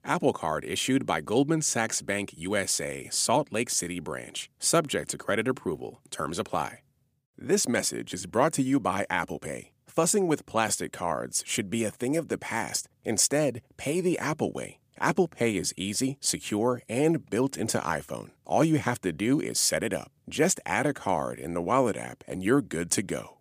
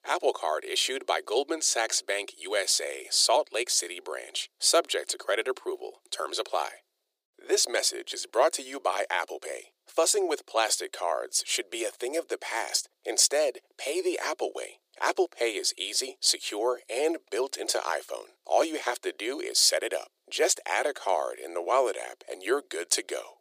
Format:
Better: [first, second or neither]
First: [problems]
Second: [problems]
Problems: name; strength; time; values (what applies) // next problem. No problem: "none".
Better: first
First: none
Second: thin; very; fading below 350 Hz